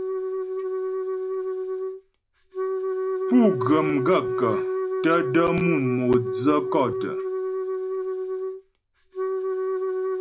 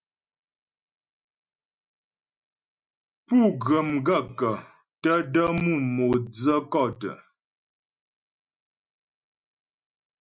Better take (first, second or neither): second